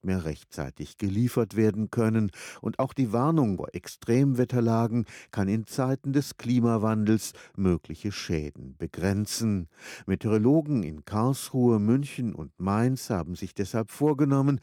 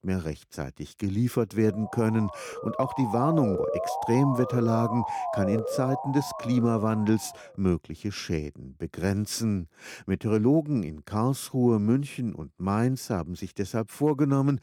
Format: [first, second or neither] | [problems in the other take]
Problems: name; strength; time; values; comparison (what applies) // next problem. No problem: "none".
first | siren; noticeable; from 1.5 to 7.5 s; peak 2 dB below the speech